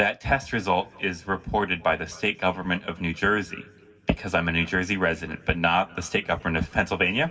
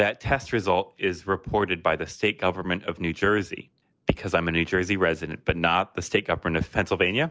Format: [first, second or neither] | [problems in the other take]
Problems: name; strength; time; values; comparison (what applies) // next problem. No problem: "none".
second | room echo; dies away in 2 s